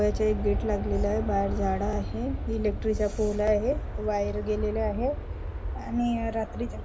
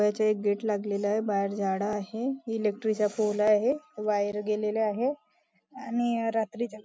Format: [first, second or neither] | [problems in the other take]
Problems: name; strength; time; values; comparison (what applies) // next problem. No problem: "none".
second | background sound (Aircraft); 3 dB below the speech // room echo; dies away in 1.9 s